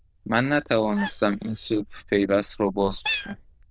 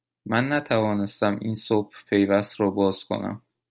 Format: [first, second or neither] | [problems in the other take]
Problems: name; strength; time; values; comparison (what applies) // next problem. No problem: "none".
second | noise reduction (neural diffusion model UNIVERSE++)